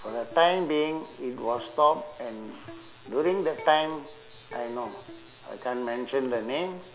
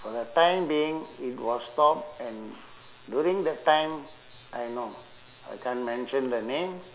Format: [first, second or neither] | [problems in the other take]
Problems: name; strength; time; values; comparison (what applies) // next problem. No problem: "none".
second | background sound (Electric guitar); 19 dB below the speech